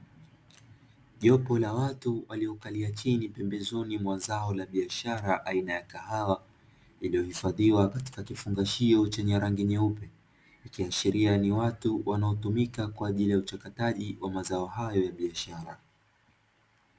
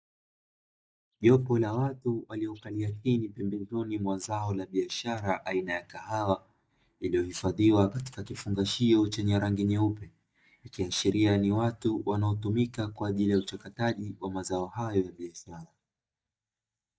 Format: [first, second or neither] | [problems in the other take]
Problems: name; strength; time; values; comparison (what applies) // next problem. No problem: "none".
first | noise reduction (neural mask model DeepFilterNet 3)